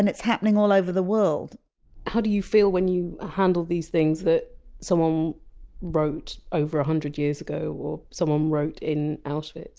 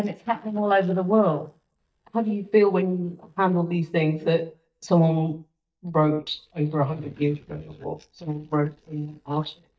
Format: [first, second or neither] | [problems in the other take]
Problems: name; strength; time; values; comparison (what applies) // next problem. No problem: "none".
first | noise reduction (neural mask model DeepFilterNet 3)